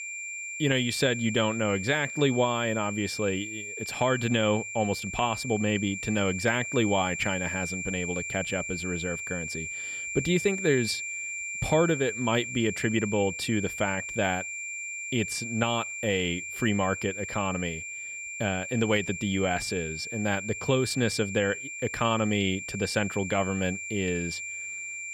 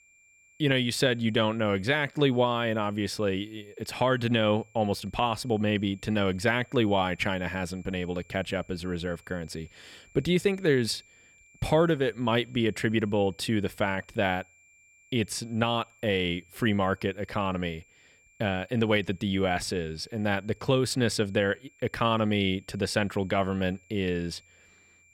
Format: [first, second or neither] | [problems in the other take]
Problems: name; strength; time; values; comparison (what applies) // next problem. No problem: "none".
second | high-pitched whine; loud; throughout; 2.5 kHz, 6 dB below the speech; faint in the second